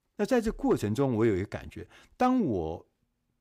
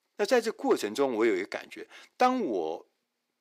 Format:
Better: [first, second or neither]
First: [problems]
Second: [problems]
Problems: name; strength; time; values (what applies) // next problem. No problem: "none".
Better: first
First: none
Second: thin; somewhat; fading below 350 Hz